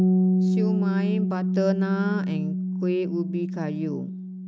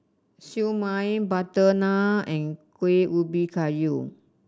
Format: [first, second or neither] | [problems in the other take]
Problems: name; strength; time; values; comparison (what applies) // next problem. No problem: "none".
second | background sound (Bass guitar); 5 dB above the speech